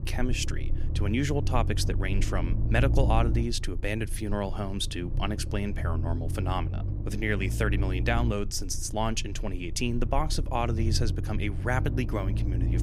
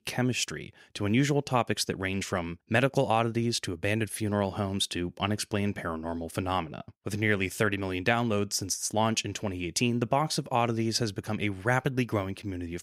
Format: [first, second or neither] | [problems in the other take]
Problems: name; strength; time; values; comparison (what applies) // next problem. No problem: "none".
second | low rumble; noticeable; throughout; 10 dB below the speech